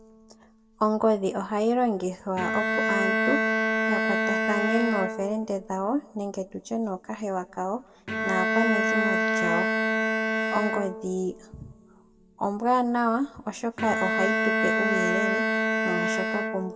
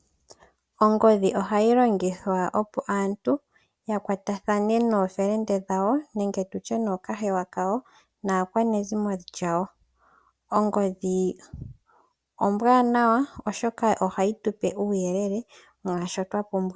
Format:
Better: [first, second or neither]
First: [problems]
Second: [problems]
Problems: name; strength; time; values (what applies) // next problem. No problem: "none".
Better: second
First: background sound (Bowed string instrument); 1 dB above the speech // room echo; dies away in 2.4 s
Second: none